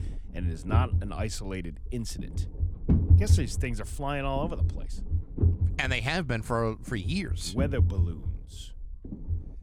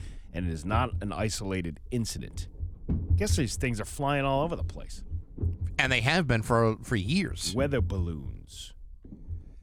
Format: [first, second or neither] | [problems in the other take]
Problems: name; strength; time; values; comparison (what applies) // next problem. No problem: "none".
second | low rumble; loud; throughout; 10 dB below the speech; faint in the second